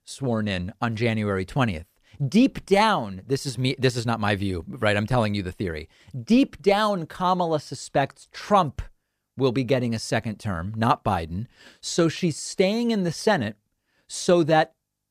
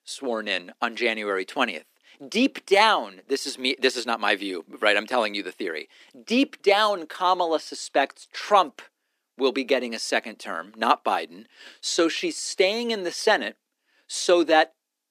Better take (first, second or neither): first